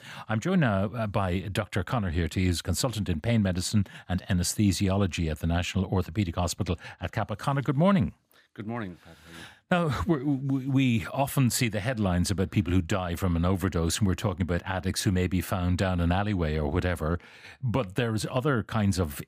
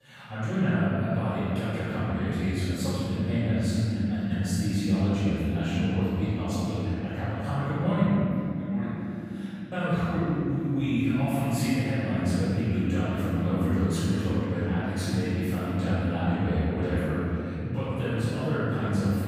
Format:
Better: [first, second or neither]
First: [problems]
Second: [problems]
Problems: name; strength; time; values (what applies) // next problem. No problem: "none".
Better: first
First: none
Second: off-mic speech; far // room echo; strong; dies away in 3 s